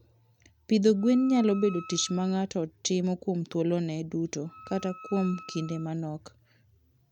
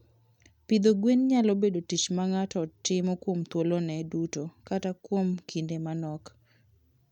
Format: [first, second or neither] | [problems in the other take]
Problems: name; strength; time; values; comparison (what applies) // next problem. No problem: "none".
second | background sound (Wind instrument, woodwind instrument); 20 dB below the speech